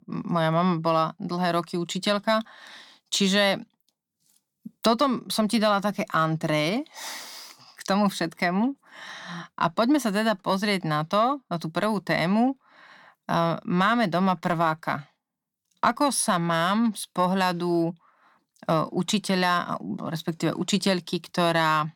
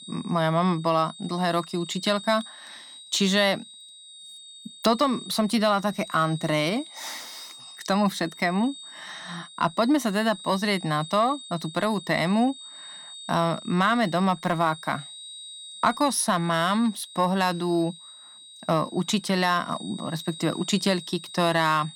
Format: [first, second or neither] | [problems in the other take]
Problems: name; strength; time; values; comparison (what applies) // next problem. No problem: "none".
first | high-pitched whine; noticeable; throughout; 3.5 kHz, 15 dB below the speech